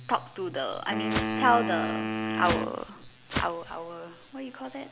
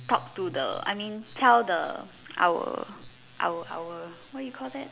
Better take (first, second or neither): second